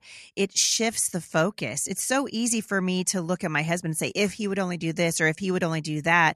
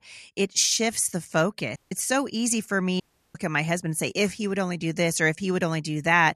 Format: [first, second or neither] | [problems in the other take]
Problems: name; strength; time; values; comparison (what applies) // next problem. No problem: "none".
first | audio cutting out; at 2 s and at 3 s